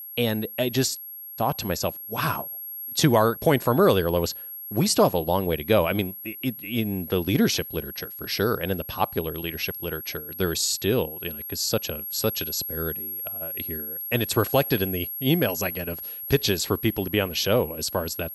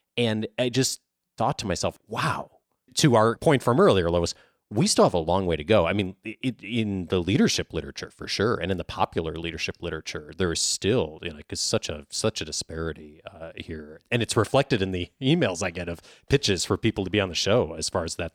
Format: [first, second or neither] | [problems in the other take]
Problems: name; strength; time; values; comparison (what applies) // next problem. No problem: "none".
second | high-pitched whine; loud; throughout; 11.5 kHz, 8 dB below the speech